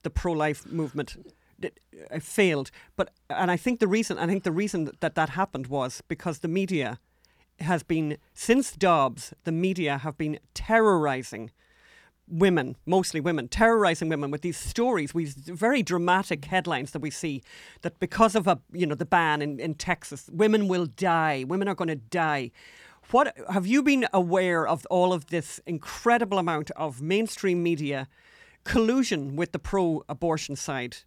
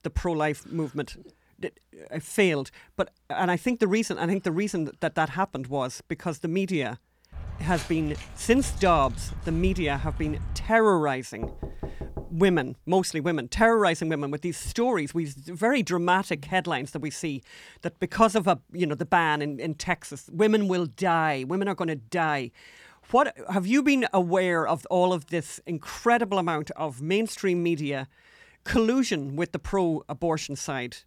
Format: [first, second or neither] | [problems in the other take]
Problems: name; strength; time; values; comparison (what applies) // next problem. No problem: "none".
first | footsteps; noticeable; from 7.5 to 11 s; peak 8 dB below the speech // door banging; faint; from 11 to 13 s; peak 10 dB below the speech